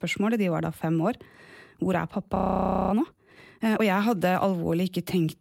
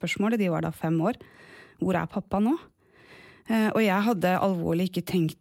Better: second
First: audio freezing; at 2.5 s for 0.5 s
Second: none

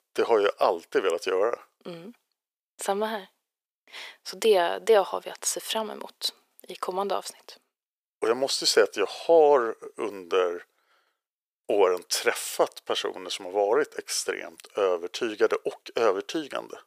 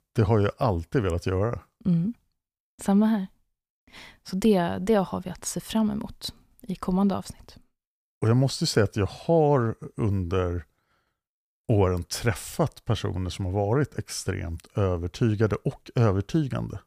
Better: second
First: thin; very; fading below 400 Hz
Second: none

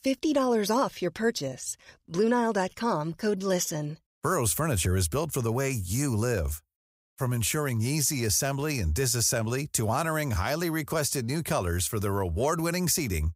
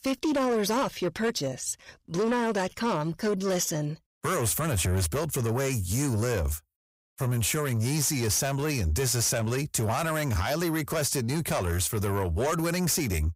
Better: first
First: none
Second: distortion; slight; 10 dB below the speech

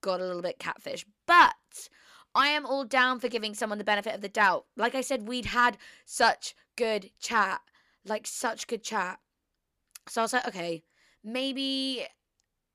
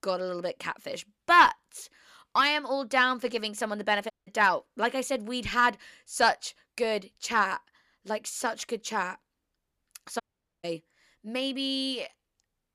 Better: first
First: none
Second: audio cutting out; at 4 s and at 10 s

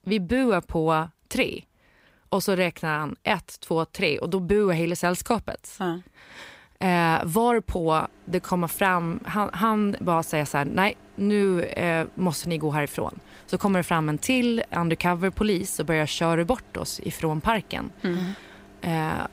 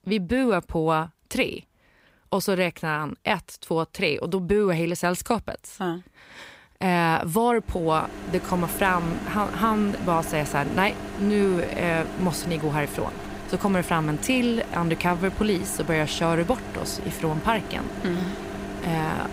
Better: first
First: household noises; faint; from 8 s on; 25 dB below the speech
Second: household noises; loud; from 8 s on; 10 dB below the speech

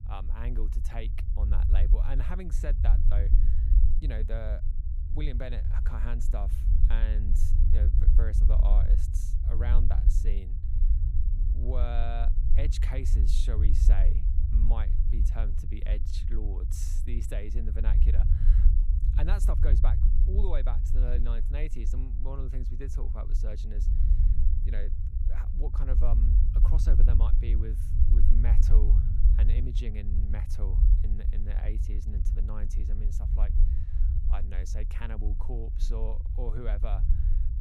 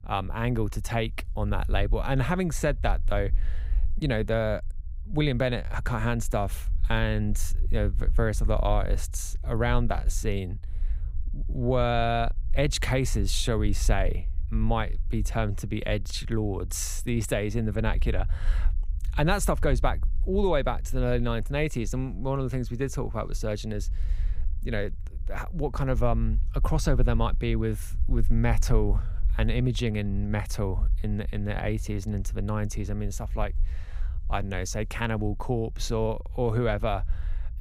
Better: second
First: low rumble; loud; throughout; 4 dB below the speech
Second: low rumble; faint; throughout; 25 dB below the speech

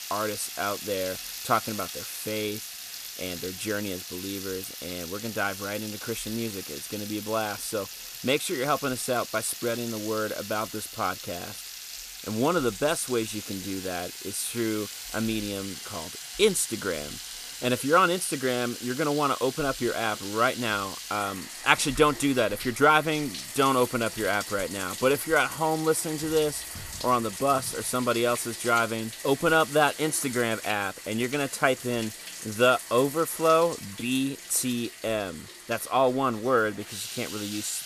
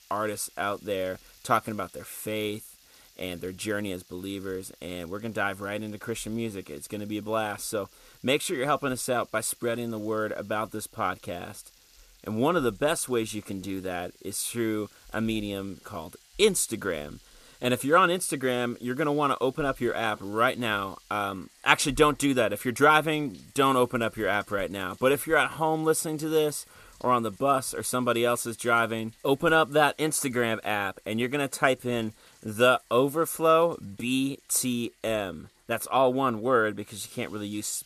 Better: second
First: household noises; loud; throughout; 9 dB below the speech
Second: household noises; faint; throughout; 30 dB below the speech

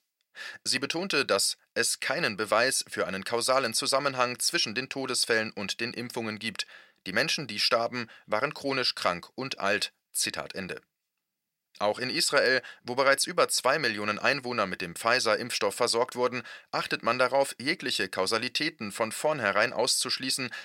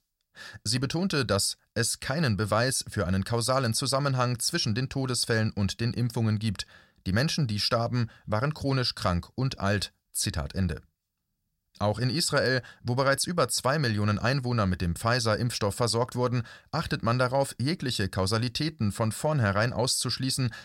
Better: second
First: thin; somewhat; fading below 400 Hz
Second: none

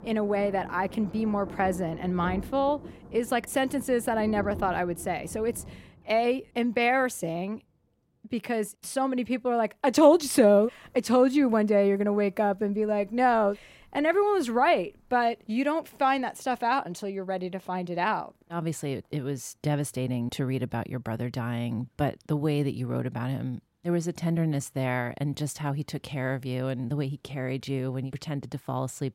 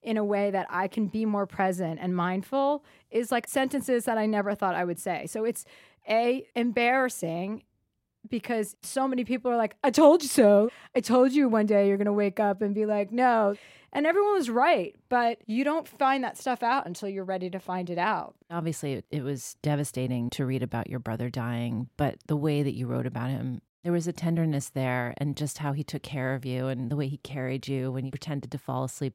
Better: second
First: rain or running water; noticeable; throughout; 15 dB below the speech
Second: none

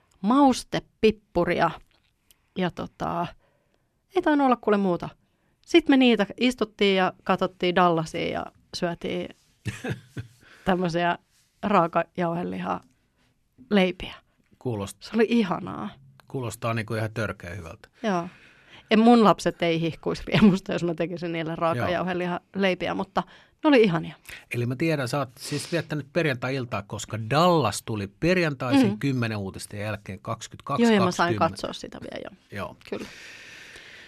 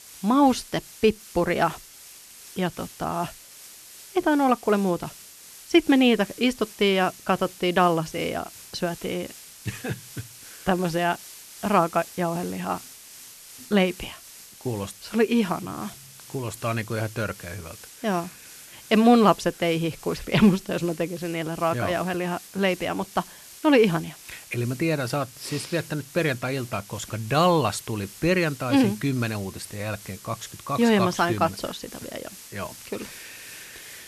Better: first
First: none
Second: hiss; noticeable; throughout; 20 dB below the speech

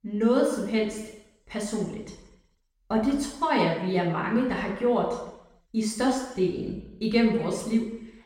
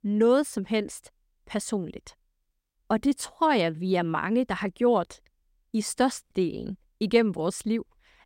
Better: second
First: room echo; noticeable; dies away in 0.8 s // off-mic speech; far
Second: none

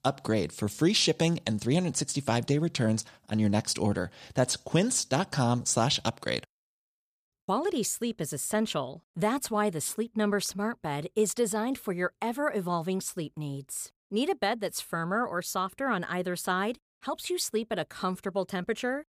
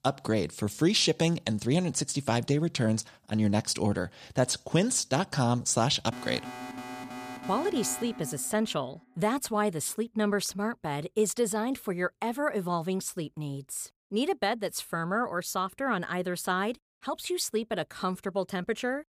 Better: first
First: none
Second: alarm; noticeable; from 6 to 9 s; peak 10 dB below the speech

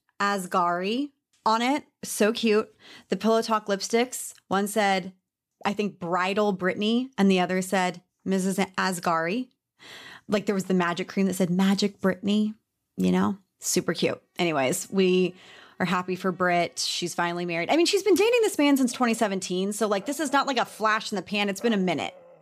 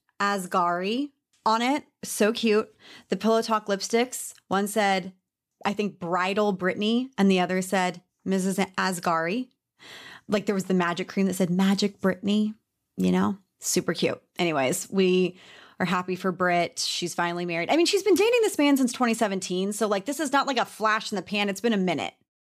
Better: second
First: animal sounds; faint; from 14 s on; 25 dB below the speech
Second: none

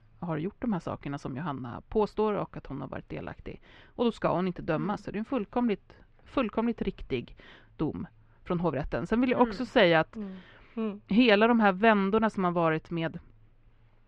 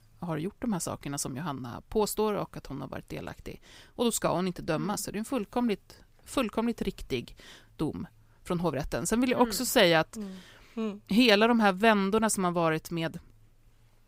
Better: second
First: muffled; very; fading above 3 kHz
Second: none

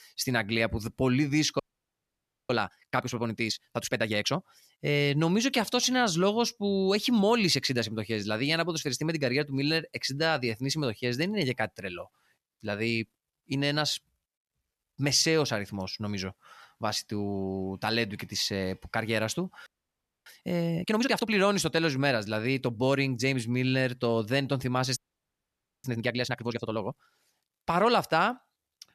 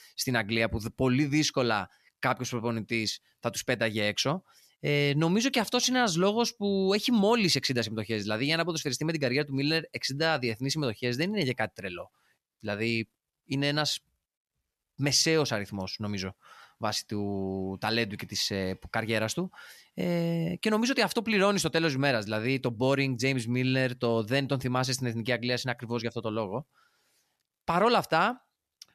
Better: second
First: audio freezing; at 1.5 s for 1 s, at 20 s for 0.5 s and at 25 s for 1 s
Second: none

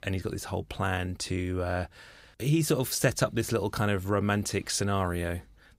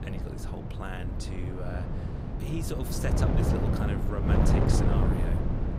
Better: first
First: none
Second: wind noise on the microphone; heavy; 3 dB above the speech

